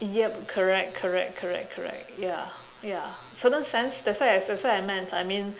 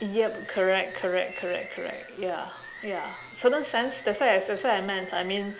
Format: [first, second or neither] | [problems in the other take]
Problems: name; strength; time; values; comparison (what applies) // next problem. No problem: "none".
first | background sound (Bird); 17 dB below the speech